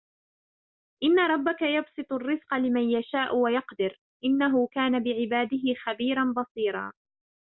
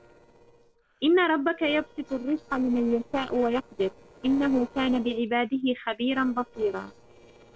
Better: first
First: none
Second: noise reduction (neural separator model SepFormer DNS4)

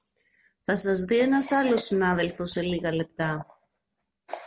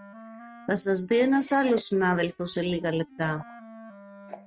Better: first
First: none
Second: noise reduction (neural mask model RNNoise)

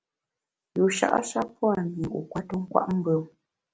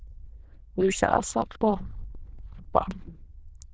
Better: first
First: none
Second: noise reduction (neural diffusion model UNIVERSE++)

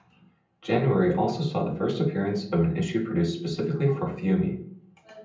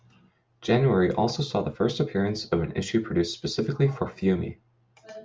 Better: second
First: room echo; dies away in 0.6 s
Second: none

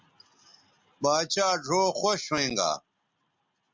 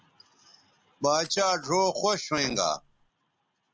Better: first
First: none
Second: background sound (Thump, thud); 19 dB below the speech

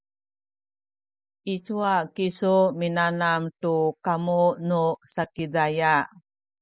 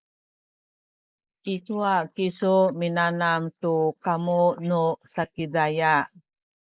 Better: first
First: none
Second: noise reduction (neural mask model Resemble Enhance denoiser)

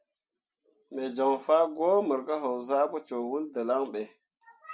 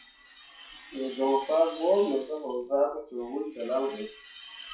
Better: first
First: none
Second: noise reduction (classical method WPE with log-MMSE)

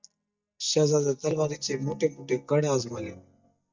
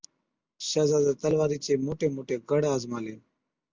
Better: second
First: noise reduction (neural mask model DeepFilterNet 3)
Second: none

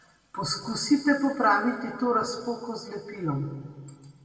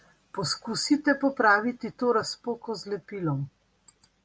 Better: second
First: room echo; dies away in 1.4 s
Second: none

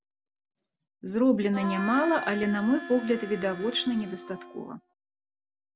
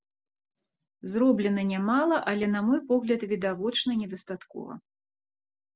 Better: second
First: background sound (Harmonica); 10 dB below the speech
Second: none

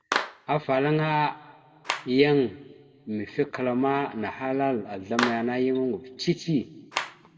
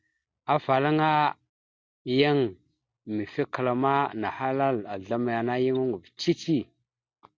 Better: second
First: background sound (Clapping); 10 dB below the speech // room echo; dies away in 1.4 s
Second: none

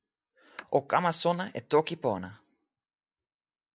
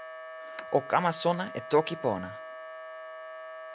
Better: first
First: none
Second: background sound (Wind instrument, woodwind instrument); 11 dB below the speech

